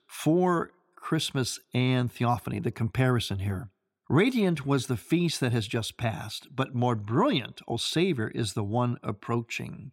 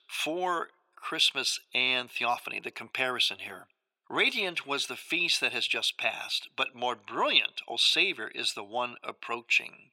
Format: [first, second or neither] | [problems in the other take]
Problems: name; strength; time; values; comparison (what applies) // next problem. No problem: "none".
first | thin; very; fading below 600 Hz